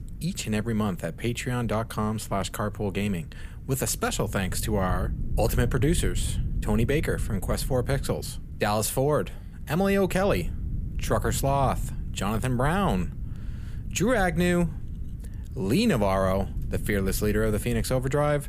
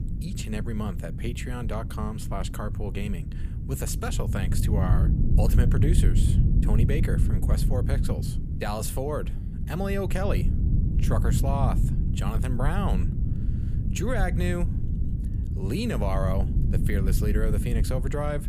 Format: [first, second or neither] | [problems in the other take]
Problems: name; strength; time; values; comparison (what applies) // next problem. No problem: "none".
first | low rumble; loud; throughout; 6 dB below the speech; faint in the first